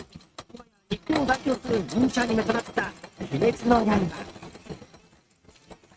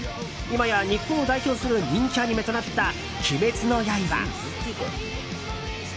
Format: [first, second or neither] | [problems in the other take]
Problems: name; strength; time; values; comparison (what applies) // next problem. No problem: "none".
second | noise reduction (neural mask model RNNoise)